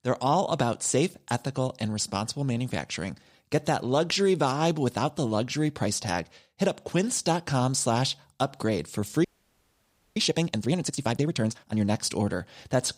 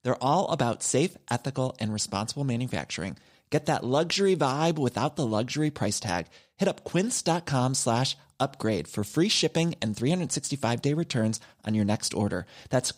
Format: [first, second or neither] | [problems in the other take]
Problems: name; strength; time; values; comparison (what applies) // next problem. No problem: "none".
second | audio freezing; at 9.5 s for 1 s